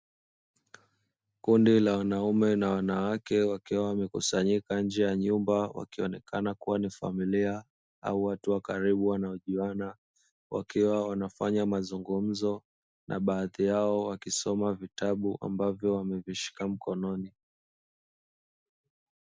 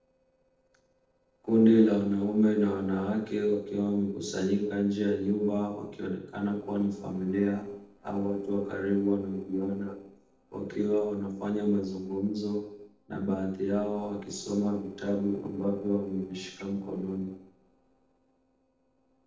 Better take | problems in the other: first | noise reduction (neural separator model SepFormer DNS4)

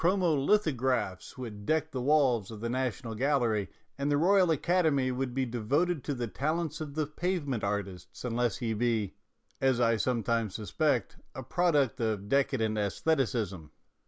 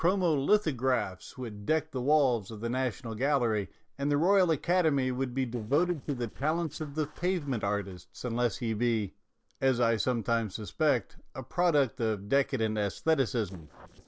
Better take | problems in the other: first | noise reduction (neural separator model SepFormer DNS4)

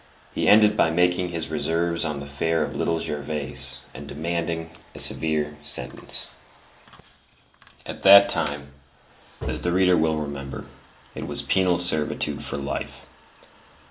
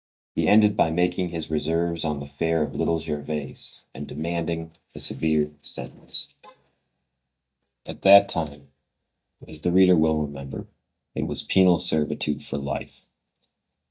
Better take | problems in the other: first | noise reduction (neural mask model DeepFilterNet 3)

